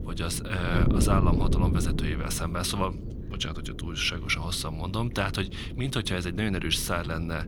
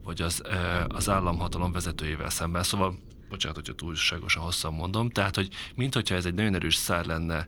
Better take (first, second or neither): second